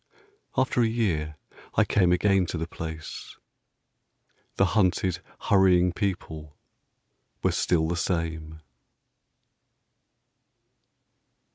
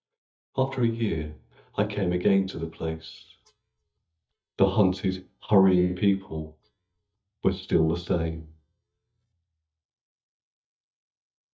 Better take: first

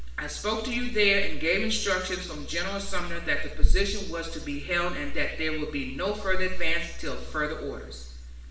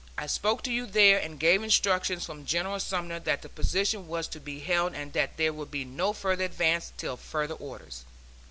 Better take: second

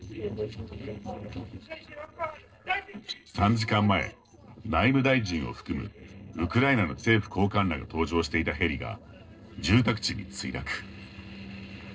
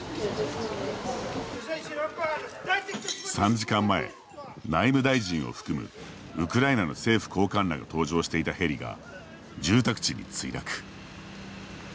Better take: second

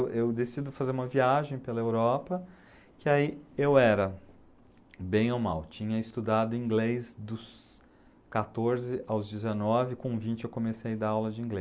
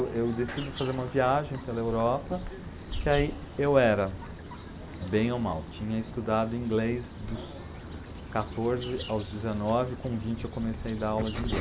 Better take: first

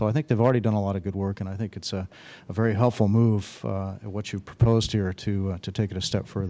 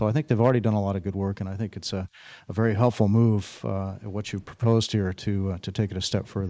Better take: first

